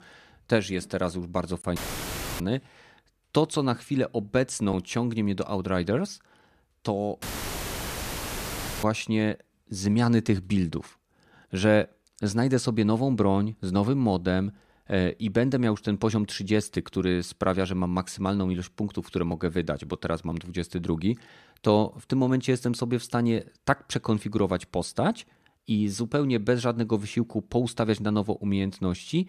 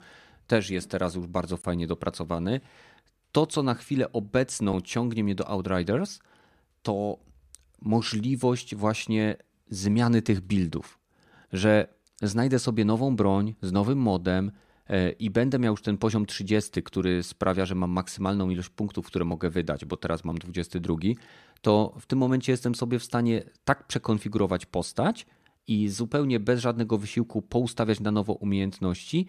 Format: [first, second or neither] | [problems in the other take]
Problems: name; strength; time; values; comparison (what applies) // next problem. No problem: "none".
second | audio cutting out; filled with static; at 2 s for 0.5 s and at 7 s for 1.5 s